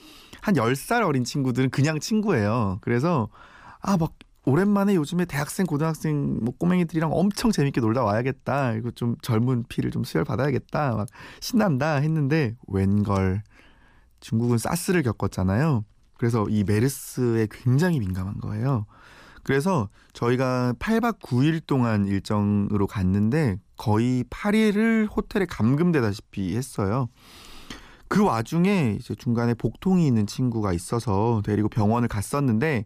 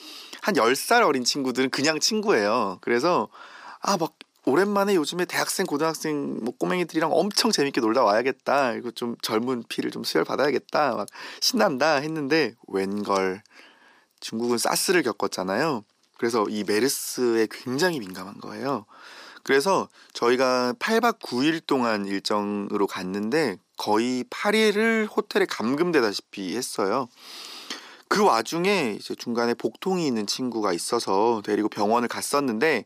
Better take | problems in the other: first | thin; somewhat; fading below 300 Hz

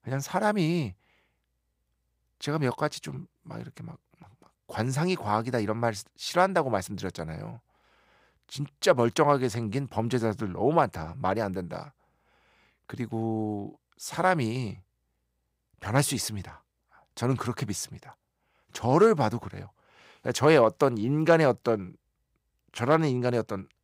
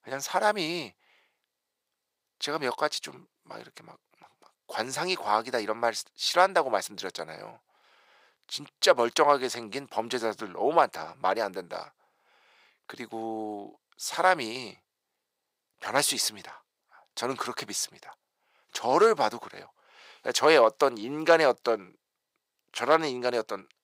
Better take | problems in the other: first | thin; somewhat; fading below 450 Hz

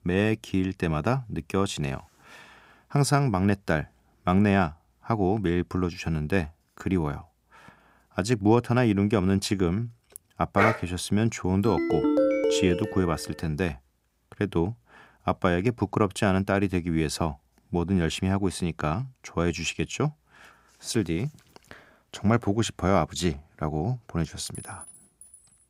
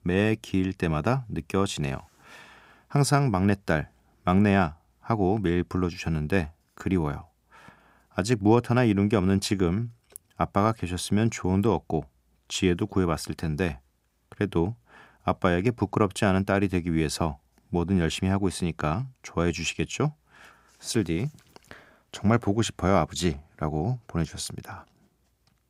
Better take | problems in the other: second | dog barking; loud; at 11 s; peak 1 dB above the speech // phone ringing; loud; from 12 to 13 s; peak 4 dB above the speech // clattering dishes; faint; at 25 s; peak 15 dB below the speech

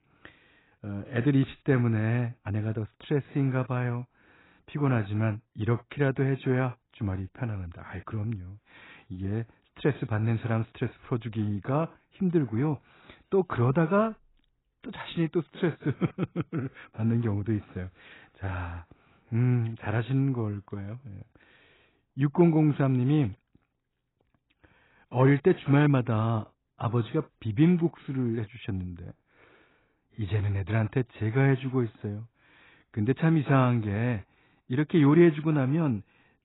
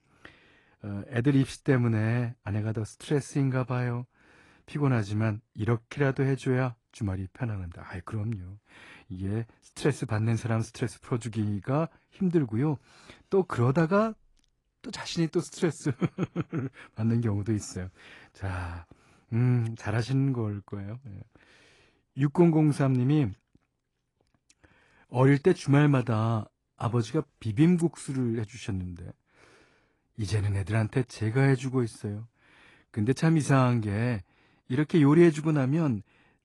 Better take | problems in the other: second | garbled, watery; badly; nothing above 4 kHz; slightly in the second

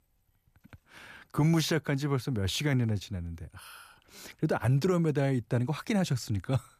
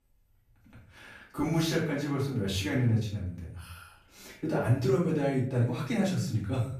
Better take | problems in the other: first | off-mic speech; far // room echo; noticeable; dies away in 0.5 s

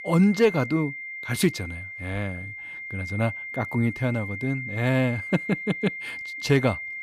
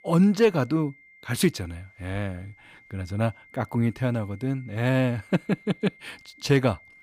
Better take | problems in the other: second | high-pitched whine; loud; throughout; 2 kHz, 8 dB below the speech; faint in the second

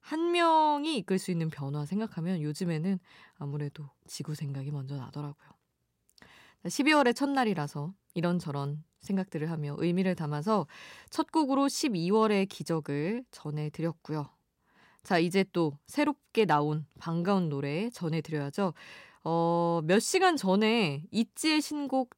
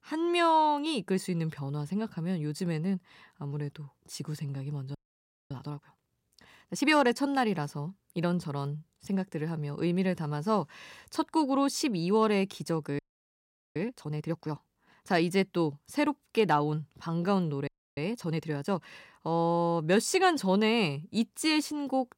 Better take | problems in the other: first | audio freezing; at 5 s for 0.5 s, at 13 s for 1 s and at 18 s

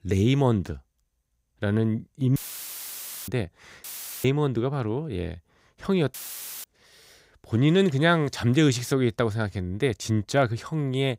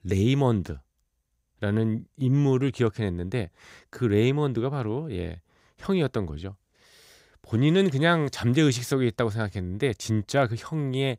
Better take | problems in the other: second | audio cutting out; filled with static; at 2.5 s for 1 s, at 4 s and at 6 s for 0.5 s

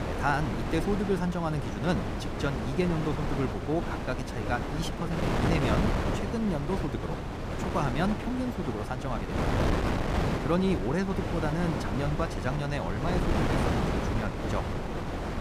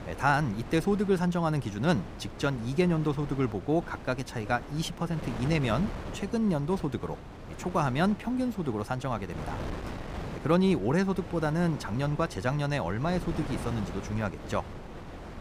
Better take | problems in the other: second | wind noise on the microphone; heavy; as loud as the speech; occasional gusts in the second

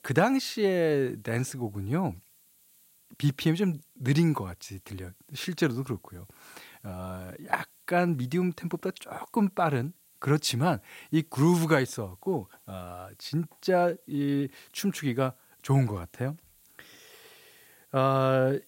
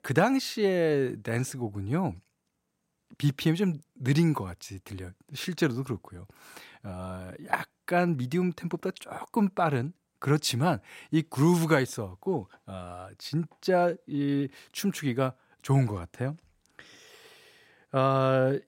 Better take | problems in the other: second | hiss; faint; throughout; 30 dB below the speech

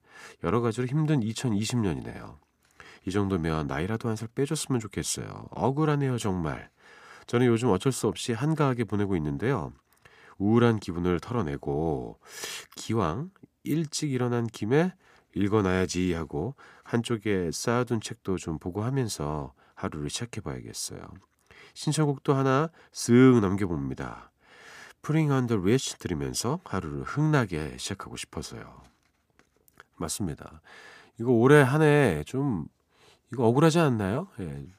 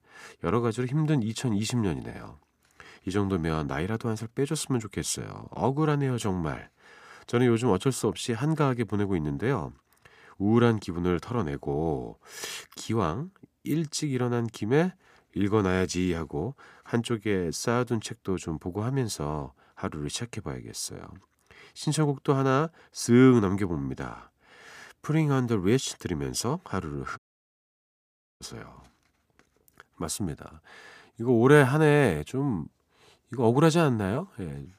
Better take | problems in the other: first | audio cutting out; at 27 s for 1 s

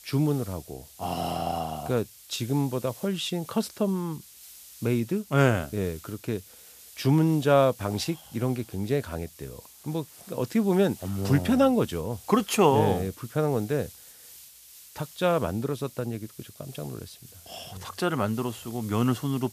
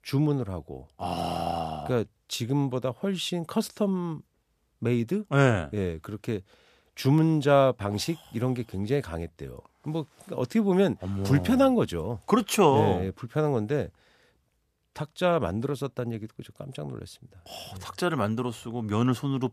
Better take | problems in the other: second | hiss; noticeable; throughout; 20 dB below the speech

